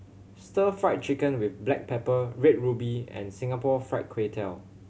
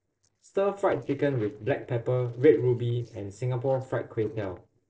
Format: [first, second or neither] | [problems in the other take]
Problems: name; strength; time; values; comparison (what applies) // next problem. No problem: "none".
first | noise reduction (neural separator model SepFormer DNS4)